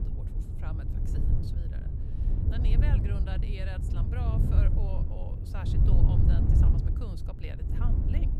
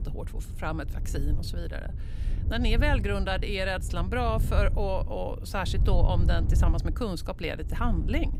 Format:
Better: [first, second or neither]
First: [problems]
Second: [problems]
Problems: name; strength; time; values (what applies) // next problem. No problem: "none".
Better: second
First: wind noise on the microphone; heavy; 2 dB above the speech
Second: wind noise on the microphone; occasional gusts; 15 dB below the speech